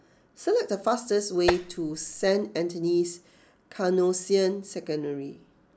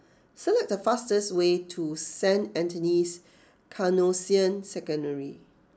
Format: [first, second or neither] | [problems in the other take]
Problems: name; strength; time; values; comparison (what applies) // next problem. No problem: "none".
second | background sound (Tap); 6 dB below the speech